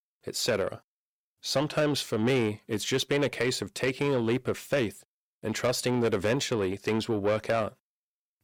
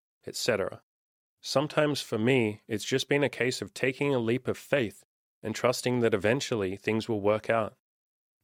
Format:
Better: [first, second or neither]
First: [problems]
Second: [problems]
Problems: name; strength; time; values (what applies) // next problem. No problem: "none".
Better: second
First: distortion; slight; 10 dB below the speech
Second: none